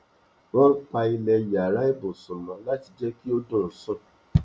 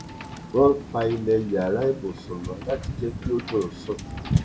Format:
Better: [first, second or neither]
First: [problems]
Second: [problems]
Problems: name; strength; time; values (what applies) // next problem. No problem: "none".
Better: first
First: none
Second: background sound (Wind / Boat, Water vehicle); 9 dB below the speech